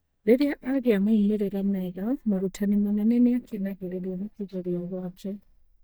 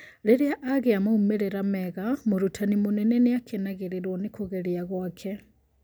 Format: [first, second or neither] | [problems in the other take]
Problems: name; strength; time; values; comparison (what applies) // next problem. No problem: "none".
second | noise reduction (neural mask model DeepFilterNet 3)